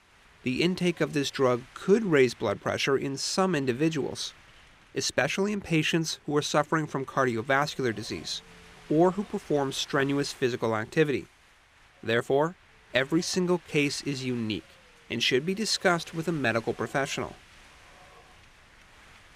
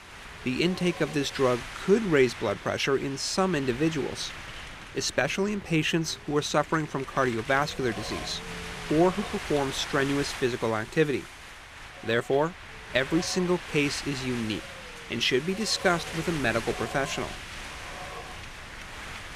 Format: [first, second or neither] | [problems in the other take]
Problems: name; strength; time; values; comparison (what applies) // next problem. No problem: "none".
first | wind noise on the microphone; heavy; 10 dB below the speech; occasional gusts in the first